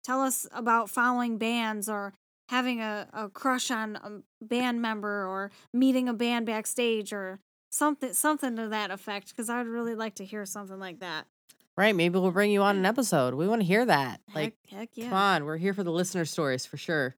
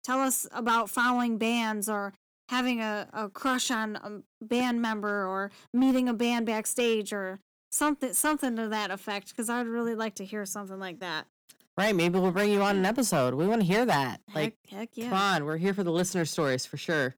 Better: first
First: none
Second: distortion; slight; 5% of the sound clipped

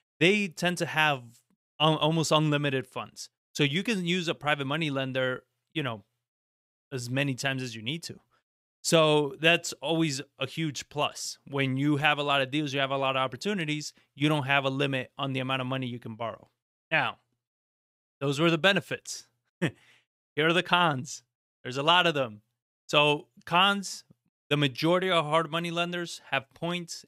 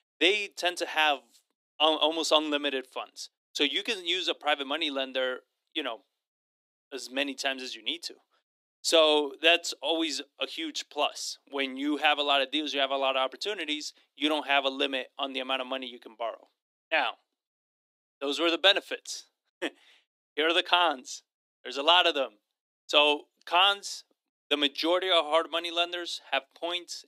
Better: first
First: none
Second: thin; somewhat; fading below 250 Hz

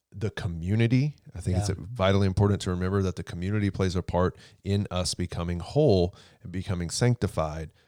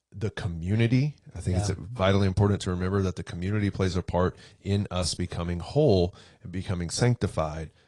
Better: first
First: none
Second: garbled, watery; slightly; nothing above 10 kHz

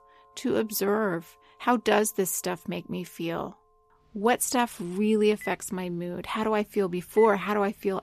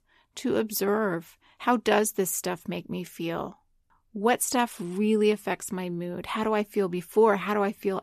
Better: second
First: alarms or sirens; faint; throughout; 20 dB below the speech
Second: none

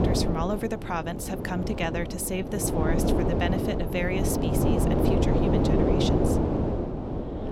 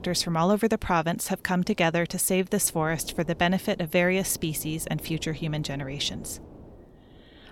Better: second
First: wind noise on the microphone; heavy; 3 dB above the speech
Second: wind noise on the microphone; occasional gusts; 25 dB below the speech

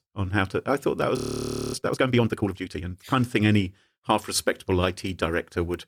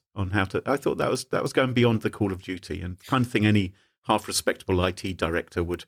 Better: second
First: audio freezing; at 1 s for 0.5 s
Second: none

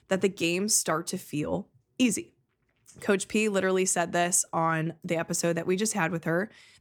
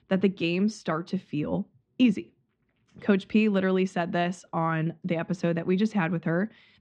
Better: first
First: none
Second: muffled; very; fading above 4 kHz

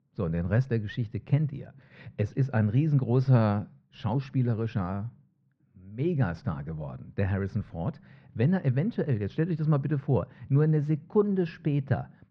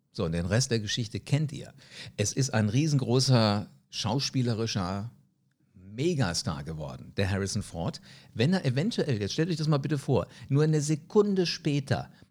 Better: second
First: muffled; very; fading above 2 kHz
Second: none

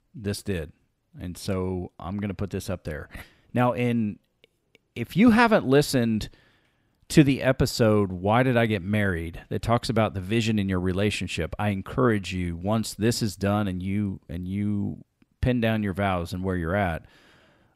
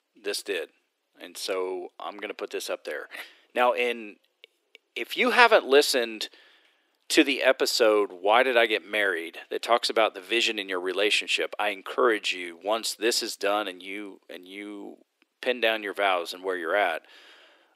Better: first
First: none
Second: thin; very; fading below 350 Hz

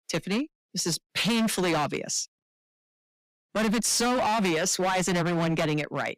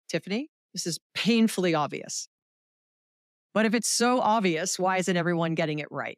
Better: second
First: distortion; heavy; 20% of the sound clipped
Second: none

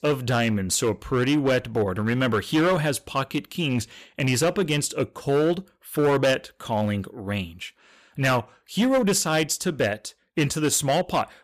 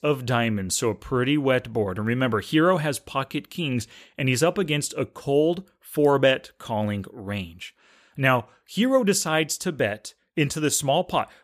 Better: second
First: distortion; slight; 8% of the sound clipped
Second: none

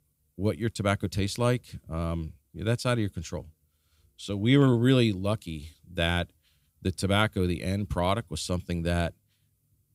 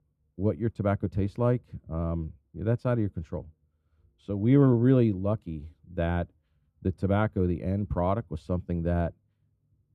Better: first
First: none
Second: muffled; very; fading above 2 kHz

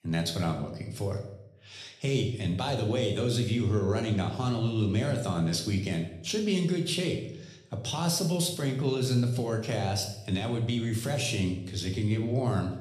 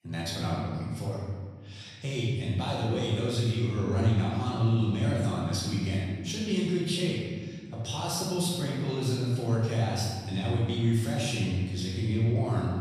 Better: first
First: room echo; slight; dies away in 0.7 s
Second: room echo; strong; dies away in 1.6 s // off-mic speech; far

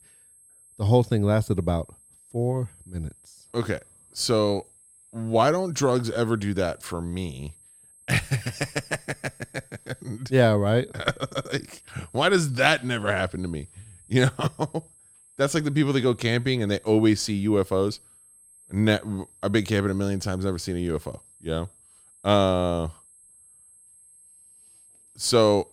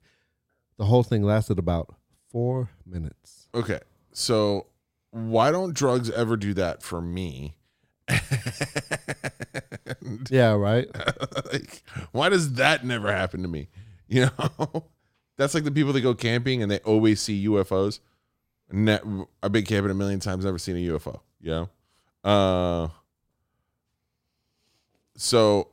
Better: second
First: high-pitched whine; faint; throughout; 8.5 kHz, 25 dB below the speech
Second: none

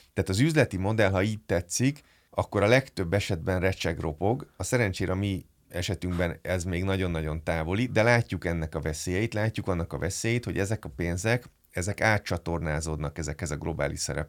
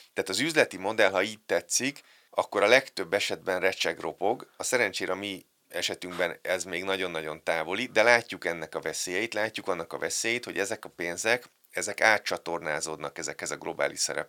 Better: first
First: none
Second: thin; somewhat; fading below 450 Hz

